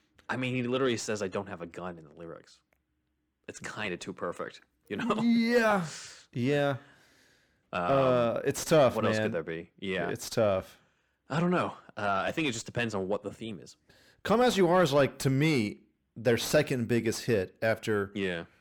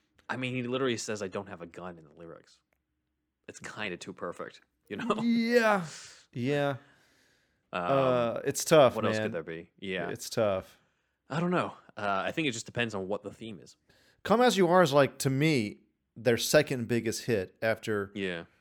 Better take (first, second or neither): second